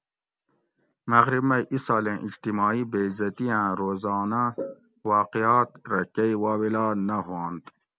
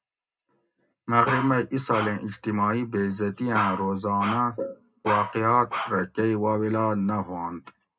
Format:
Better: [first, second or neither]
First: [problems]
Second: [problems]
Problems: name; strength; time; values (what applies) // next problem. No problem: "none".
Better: first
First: none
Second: background sound (Bark); 7 dB below the speech // room echo; dies away in 0.2 s